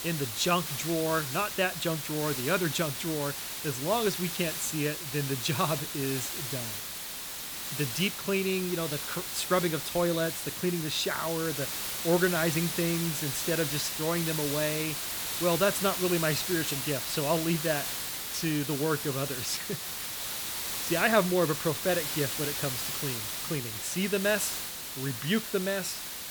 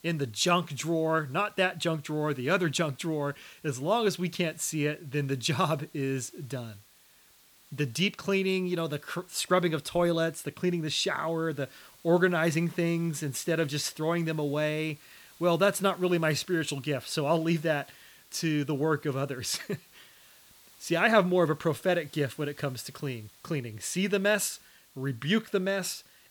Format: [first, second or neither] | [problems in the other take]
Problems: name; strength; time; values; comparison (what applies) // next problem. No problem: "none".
second | hiss; loud; throughout; 2 dB below the speech; faint in the second